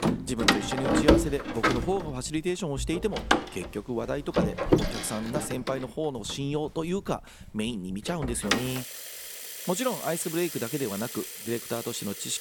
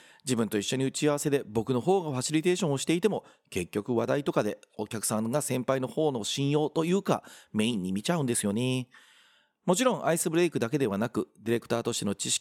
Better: second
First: household noises; very loud; throughout; 2 dB above the speech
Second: none

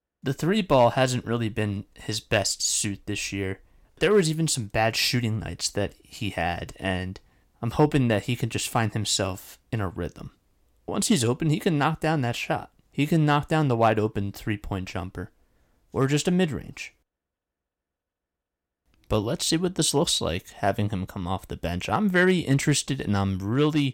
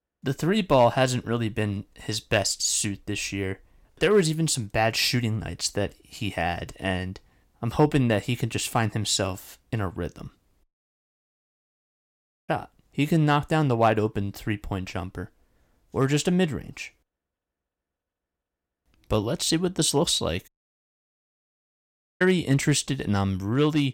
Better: first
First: none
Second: audio cutting out; at 11 s for 2 s and at 20 s for 1.5 s

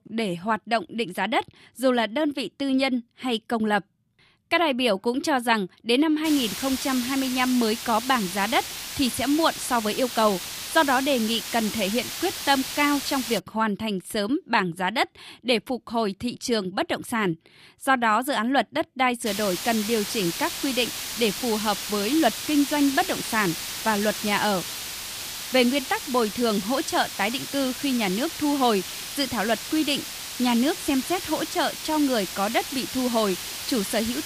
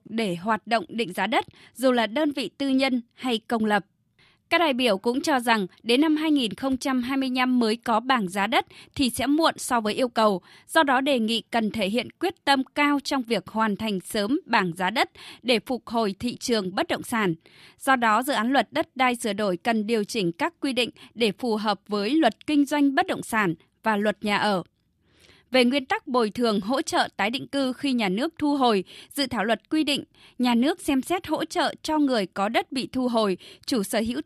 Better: second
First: hiss; loud; from 6.5 to 13 s and from 19 s on; 6 dB below the speech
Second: none

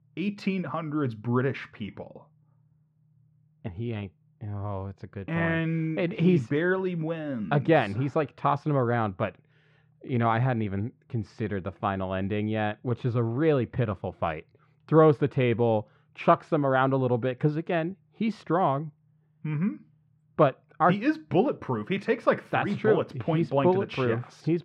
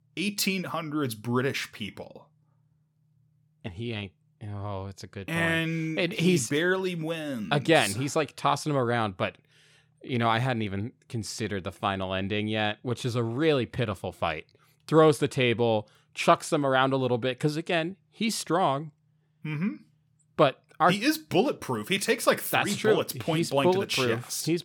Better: second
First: muffled; very; fading above 1.5 kHz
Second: none

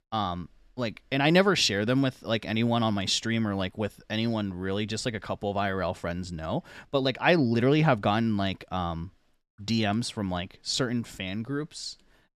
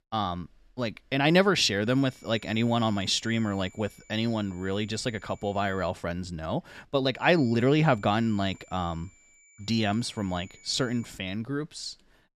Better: first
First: none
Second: high-pitched whine; faint; from 2 to 6 s and from 7 to 11 s; 2.5 kHz, 25 dB below the speech

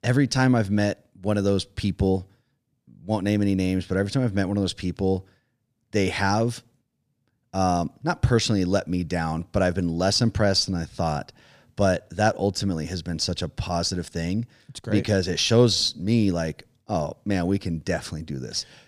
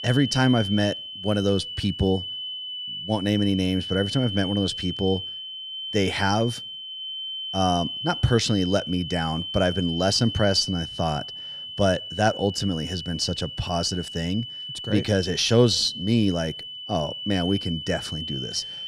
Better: first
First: none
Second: high-pitched whine; loud; throughout; 3 kHz, 7 dB below the speech

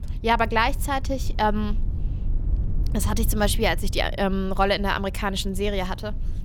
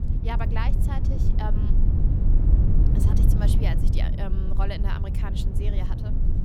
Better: first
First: low rumble; faint; throughout; 20 dB below the speech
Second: low rumble; loud; throughout; 2 dB below the speech

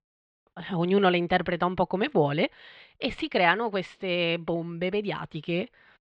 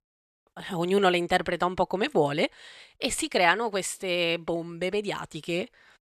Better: second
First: muffled; slightly; fading above 3.5 kHz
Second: none

